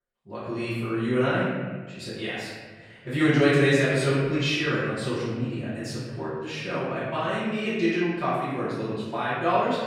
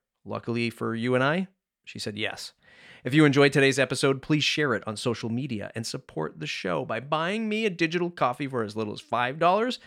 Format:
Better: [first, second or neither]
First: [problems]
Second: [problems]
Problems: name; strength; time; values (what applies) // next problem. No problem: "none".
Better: second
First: room echo; strong; dies away in 1.6 s // off-mic speech; far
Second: none